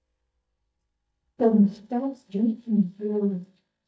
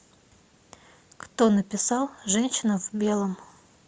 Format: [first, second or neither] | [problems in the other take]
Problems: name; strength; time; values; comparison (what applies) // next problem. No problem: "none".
second | noise reduction (neural mask model DeepFilterNet 3)